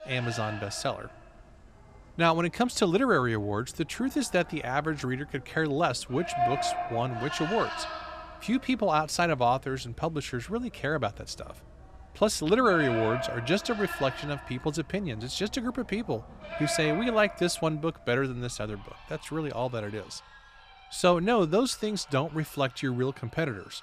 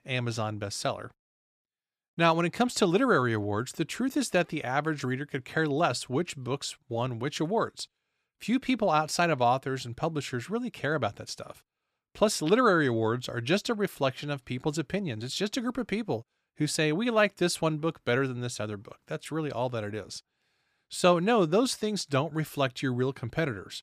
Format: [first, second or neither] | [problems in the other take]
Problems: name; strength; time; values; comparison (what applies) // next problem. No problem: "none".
second | animal sounds; loud; throughout; 8 dB below the speech